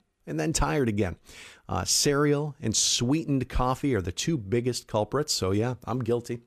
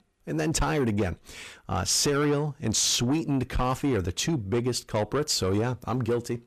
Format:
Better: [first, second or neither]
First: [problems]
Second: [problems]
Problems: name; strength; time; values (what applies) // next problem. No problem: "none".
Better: first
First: none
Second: distortion; slight; 10 dB below the speech